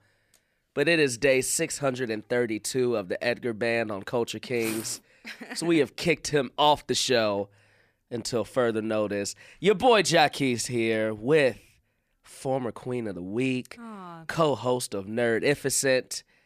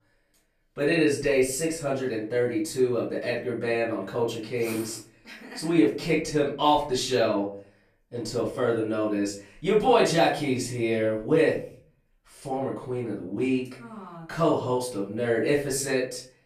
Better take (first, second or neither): first